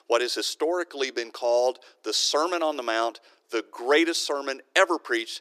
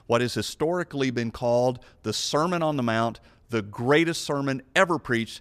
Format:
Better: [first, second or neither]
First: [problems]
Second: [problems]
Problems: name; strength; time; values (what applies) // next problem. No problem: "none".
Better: second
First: thin; very; fading below 300 Hz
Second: none